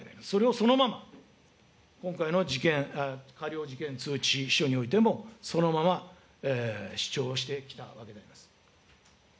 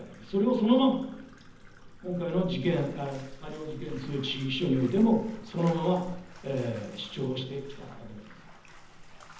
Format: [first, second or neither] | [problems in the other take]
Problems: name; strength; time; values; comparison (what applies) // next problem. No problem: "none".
first | background sound (Bathtub (filling or washing)); 17 dB below the speech // room echo; dies away in 0.8 s